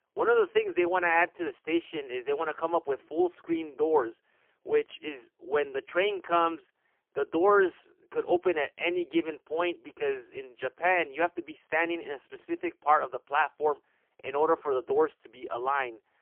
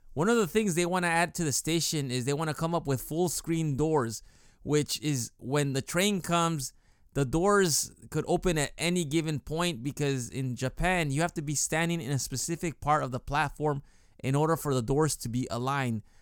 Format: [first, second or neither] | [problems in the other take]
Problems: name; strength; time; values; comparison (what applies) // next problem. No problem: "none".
second | phone-call audio; poor line; nothing above 3 kHz